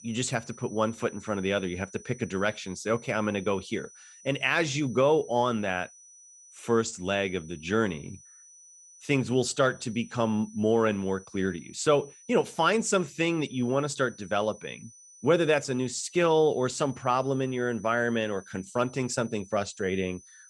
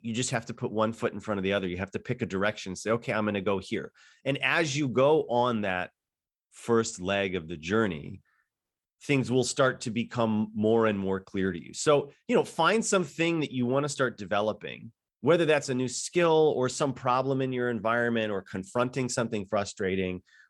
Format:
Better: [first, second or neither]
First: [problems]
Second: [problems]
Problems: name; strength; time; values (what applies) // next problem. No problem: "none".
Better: second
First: high-pitched whine; faint; throughout; 6 kHz, 20 dB below the speech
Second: none